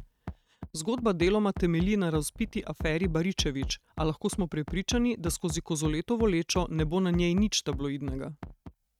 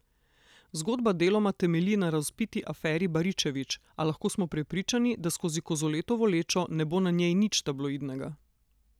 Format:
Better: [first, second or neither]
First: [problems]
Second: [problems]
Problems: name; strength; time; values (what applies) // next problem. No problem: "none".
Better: second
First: noise reduction (neural mask model RNNoise)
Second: none